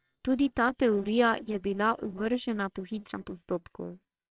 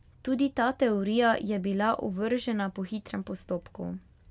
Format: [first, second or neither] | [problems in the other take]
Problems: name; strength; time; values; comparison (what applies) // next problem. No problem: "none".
second | noise reduction (neural separator model SepFormer WHAMR!)